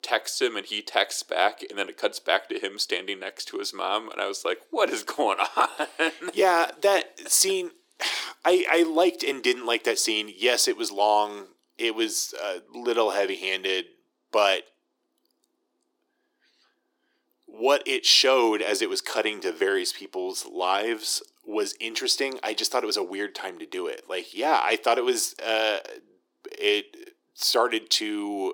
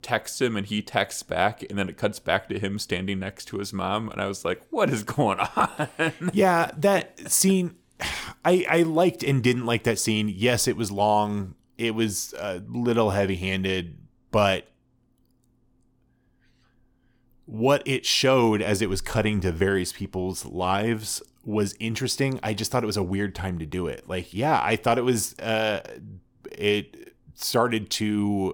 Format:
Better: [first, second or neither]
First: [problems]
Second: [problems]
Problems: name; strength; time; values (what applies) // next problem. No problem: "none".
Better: second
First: thin; very; fading below 300 Hz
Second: none